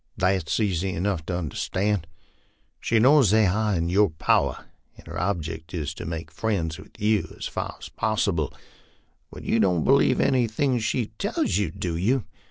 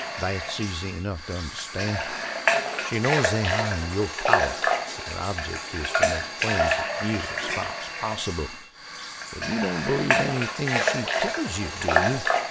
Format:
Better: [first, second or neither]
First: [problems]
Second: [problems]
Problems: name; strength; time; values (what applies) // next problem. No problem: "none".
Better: first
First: none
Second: background sound (Water tap, faucet / Water); 3 dB above the speech